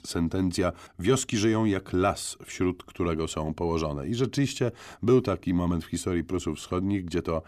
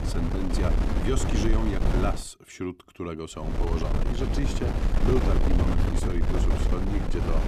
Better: first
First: none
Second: wind noise on the microphone; heavy; until 2 s and from 3.5 s on; as loud as the speech

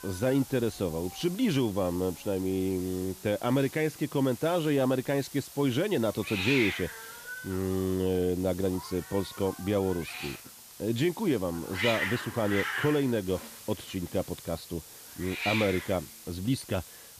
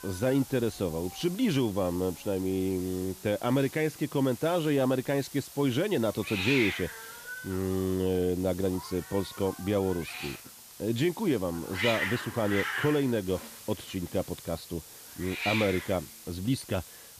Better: neither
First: hiss; loud; throughout; 8 dB below the speech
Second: hiss; loud; throughout; 8 dB below the speech

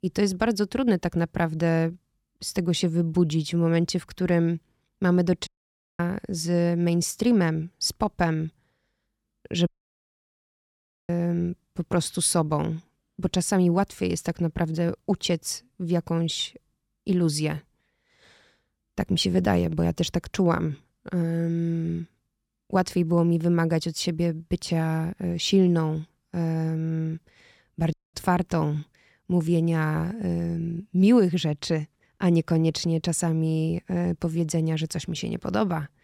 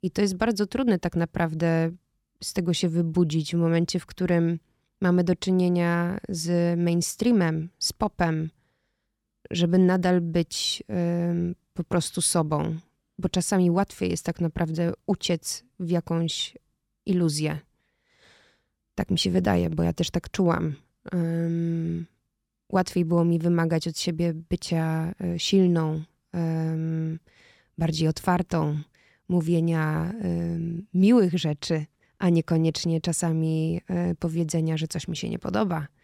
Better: second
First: audio cutting out; at 5.5 s for 0.5 s, at 9.5 s for 1.5 s and at 28 s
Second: none

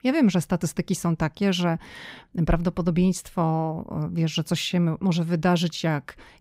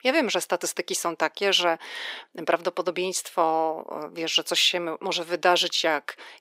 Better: first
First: none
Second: thin; very; fading below 400 Hz

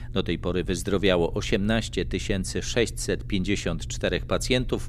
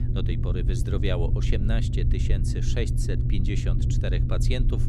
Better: first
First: low rumble; faint; throughout; 25 dB below the speech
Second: low rumble; loud; throughout; 4 dB below the speech

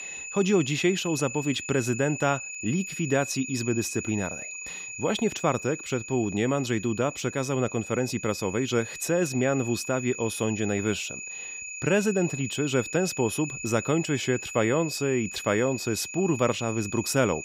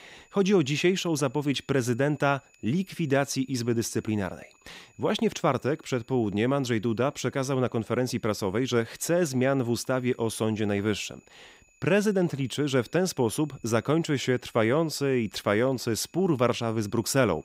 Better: second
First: high-pitched whine; loud; throughout; 2.5 kHz, 8 dB below the speech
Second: high-pitched whine; faint; throughout; 2.5 kHz, 35 dB below the speech

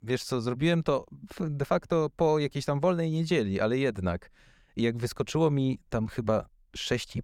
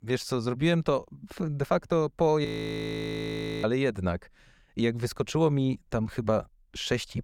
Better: first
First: none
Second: audio freezing; at 2.5 s for 1 s

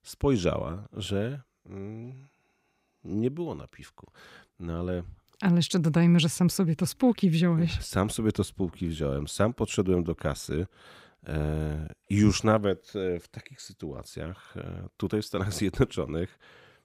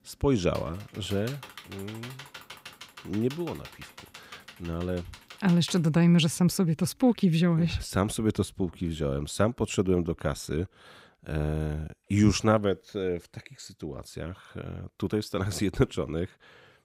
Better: first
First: none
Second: keyboard typing; faint; from 0.5 to 6 s; peak 15 dB below the speech

